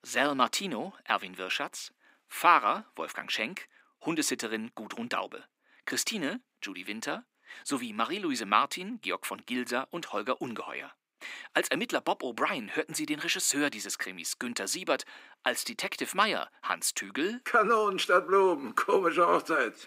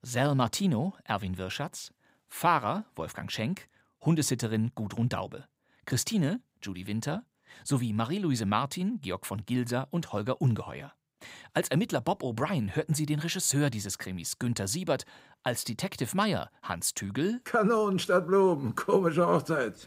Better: second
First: thin; somewhat; fading below 300 Hz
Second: none

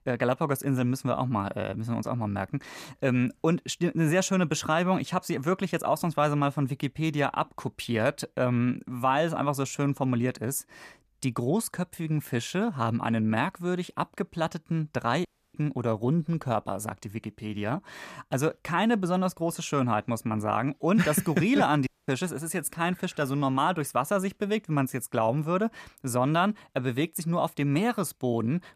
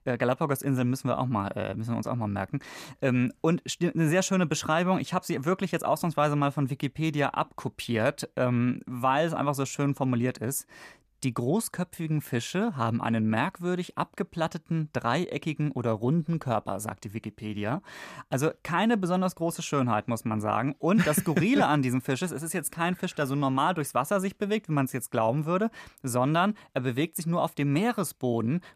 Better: second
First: audio cutting out; at 15 s and at 22 s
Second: none

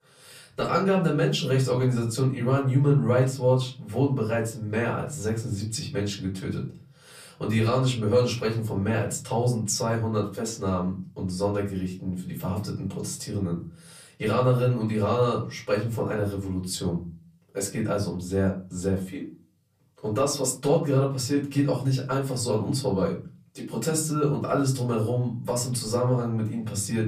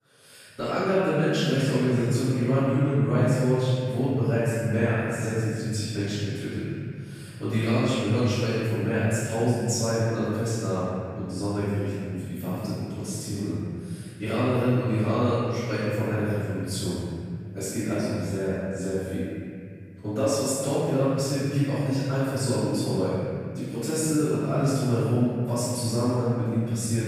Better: first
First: room echo; slight; dies away in 0.4 s // off-mic speech; far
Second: room echo; strong; dies away in 3 s // off-mic speech; far

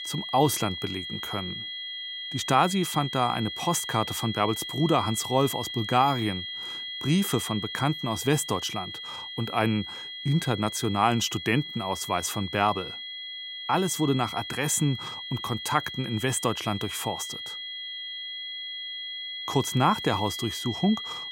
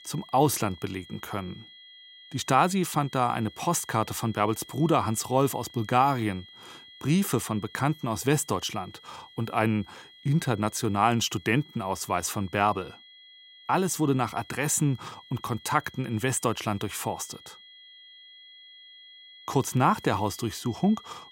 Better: second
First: high-pitched whine; loud; throughout; 3.5 kHz, 7 dB below the speech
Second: high-pitched whine; faint; throughout; 3.5 kHz, 20 dB below the speech

